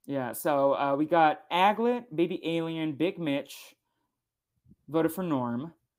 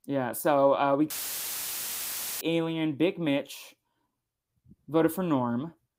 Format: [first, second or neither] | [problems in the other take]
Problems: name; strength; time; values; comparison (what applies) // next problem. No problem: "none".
first | audio cutting out; filled with static; at 1 s for 1.5 s